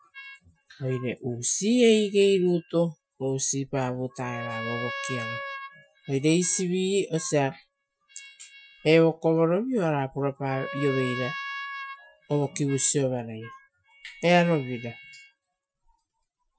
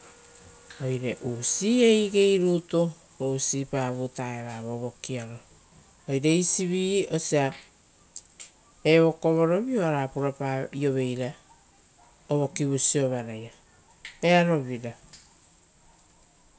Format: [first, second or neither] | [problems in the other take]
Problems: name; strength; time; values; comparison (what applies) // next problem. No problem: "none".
second | noise reduction (classical method Wiener filter)